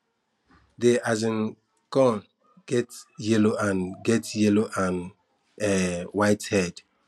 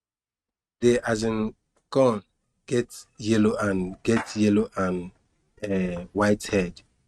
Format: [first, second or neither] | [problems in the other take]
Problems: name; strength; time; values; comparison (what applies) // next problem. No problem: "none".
first | noise reduction (neural mask model RNNoise)